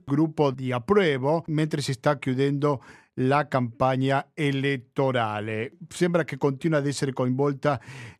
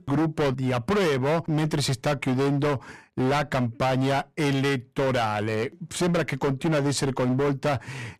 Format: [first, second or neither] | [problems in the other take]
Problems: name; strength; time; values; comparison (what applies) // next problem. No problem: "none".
first | distortion; heavy; 23% of the sound clipped